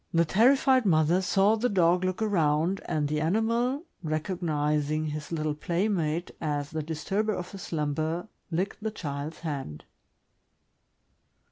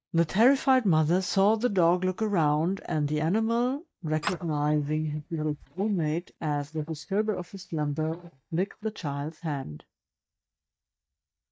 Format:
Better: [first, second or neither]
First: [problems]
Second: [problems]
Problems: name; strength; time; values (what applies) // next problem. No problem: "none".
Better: first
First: none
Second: noise reduction (neural mask model DeepFilterNet 3)